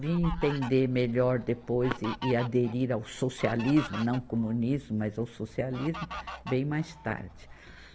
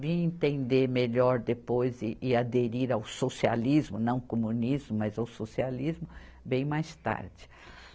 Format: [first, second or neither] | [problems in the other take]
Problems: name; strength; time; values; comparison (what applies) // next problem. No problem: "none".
second | background sound (Fowl); 13 dB below the speech // room echo; dies away in 0.5 s